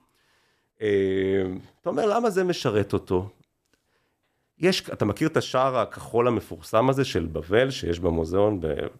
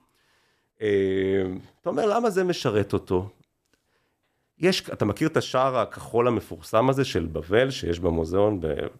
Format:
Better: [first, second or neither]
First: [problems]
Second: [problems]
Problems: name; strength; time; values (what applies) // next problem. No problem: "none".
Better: neither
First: none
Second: none